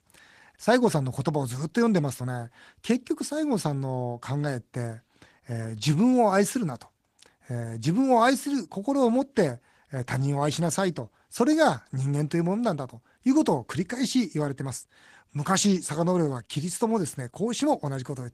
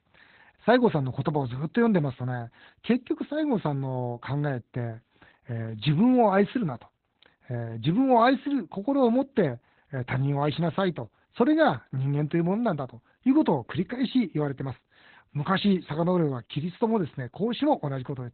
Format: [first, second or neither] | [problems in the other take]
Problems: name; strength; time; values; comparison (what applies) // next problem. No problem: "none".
first | garbled, watery; badly; nothing above 4 kHz; slightly in the first